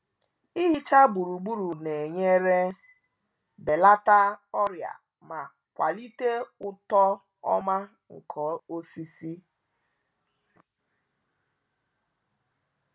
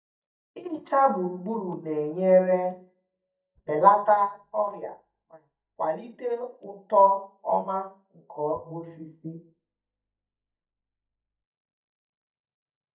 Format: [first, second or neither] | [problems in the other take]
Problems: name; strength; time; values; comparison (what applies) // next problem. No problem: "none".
first | noise reduction (neural mask model DeepFilterNet 3)